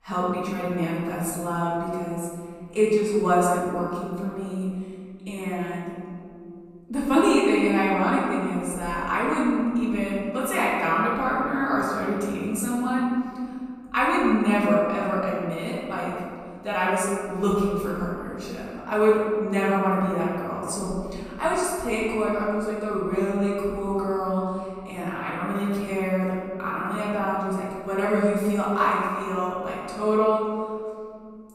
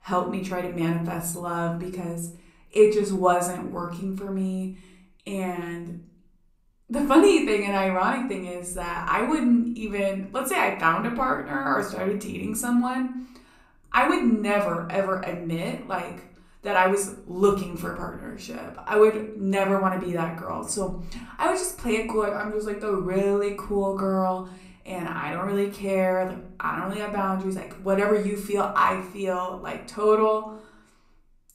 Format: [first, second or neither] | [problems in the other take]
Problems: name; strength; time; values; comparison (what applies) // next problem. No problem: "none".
second | room echo; strong; dies away in 2.2 s; slight in the second // off-mic speech; far; far in the second